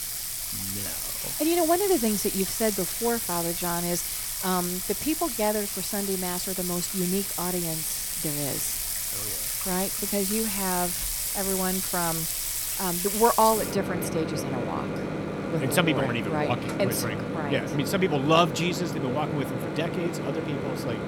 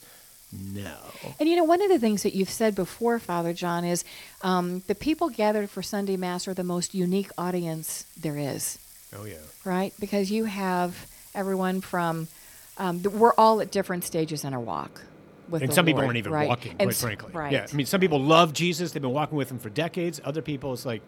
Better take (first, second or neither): second